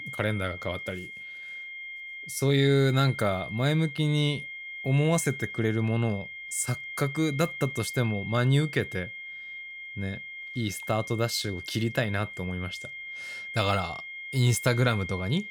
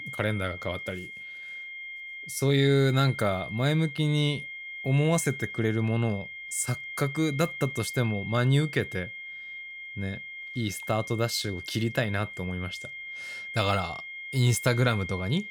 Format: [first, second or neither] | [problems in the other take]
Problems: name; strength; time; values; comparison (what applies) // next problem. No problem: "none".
neither | high-pitched whine; loud; throughout; 2 kHz, 10 dB below the speech; the same in both